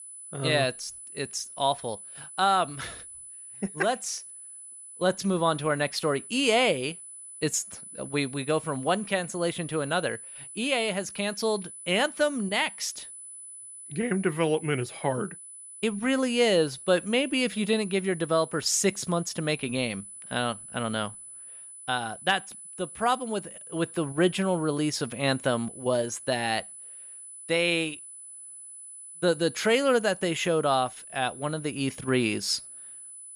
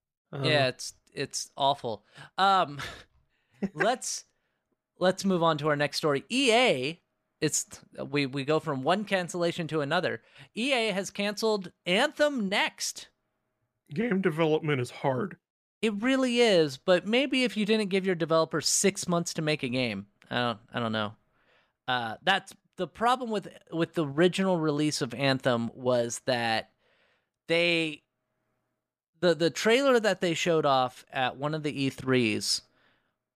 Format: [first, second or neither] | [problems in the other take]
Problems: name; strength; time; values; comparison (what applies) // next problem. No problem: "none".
second | high-pitched whine; noticeable; throughout; 10 kHz, 15 dB below the speech